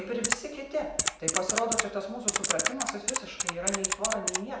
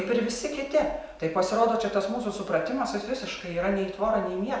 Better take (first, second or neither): second